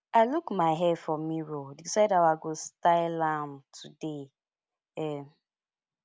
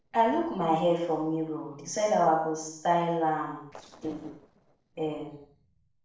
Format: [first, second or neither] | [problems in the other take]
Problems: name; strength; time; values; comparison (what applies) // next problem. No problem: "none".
first | noise reduction (neural separator model SepFormer DNS4)